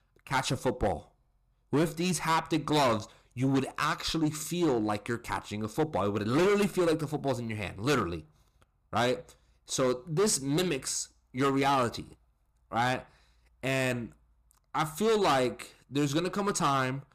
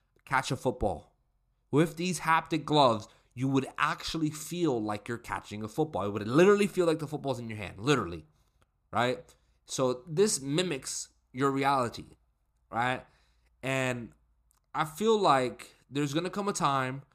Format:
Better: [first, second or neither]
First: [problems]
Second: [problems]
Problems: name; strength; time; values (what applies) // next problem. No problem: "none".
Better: second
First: distortion; heavy; 8% of the sound clipped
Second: none